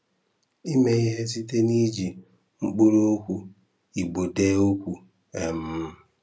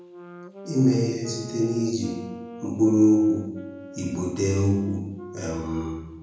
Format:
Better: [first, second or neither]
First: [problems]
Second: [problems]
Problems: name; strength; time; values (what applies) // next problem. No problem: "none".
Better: first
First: none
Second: background sound (Wind instrument, woodwind instrument); 18 dB below the speech // room echo; dies away in 0.9 s